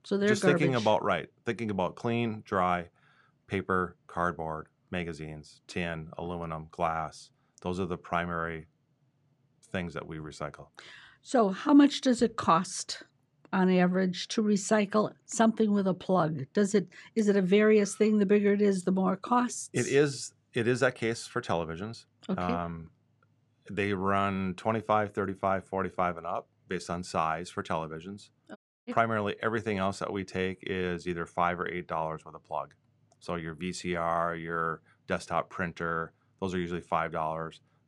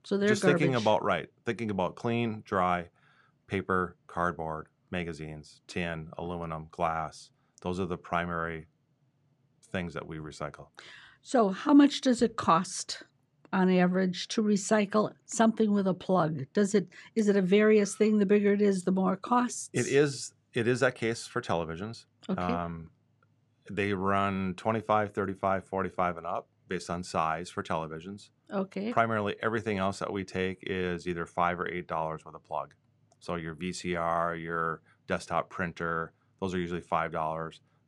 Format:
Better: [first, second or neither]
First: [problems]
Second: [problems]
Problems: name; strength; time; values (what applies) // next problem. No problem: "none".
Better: second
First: audio cutting out; at 29 s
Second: none